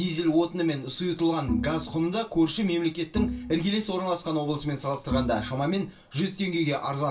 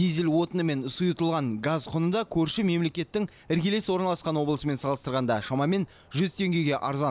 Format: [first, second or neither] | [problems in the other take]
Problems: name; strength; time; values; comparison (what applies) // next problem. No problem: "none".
second | background sound (Bowed string instrument); 7 dB below the speech // room echo; dies away in 0.2 s